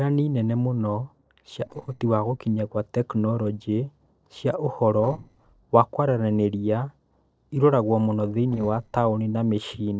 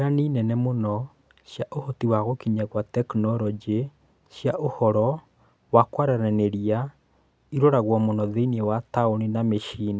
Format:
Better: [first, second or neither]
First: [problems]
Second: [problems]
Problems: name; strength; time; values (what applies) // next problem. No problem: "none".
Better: second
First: noise reduction (neural separator model SepFormer DNS4)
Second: none